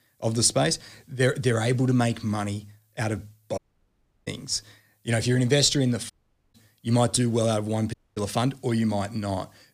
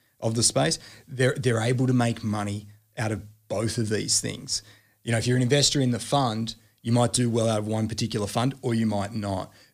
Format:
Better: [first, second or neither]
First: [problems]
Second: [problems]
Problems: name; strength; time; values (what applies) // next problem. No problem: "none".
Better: second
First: audio cutting out; at 3.5 s for 0.5 s, at 6 s and at 8 s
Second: none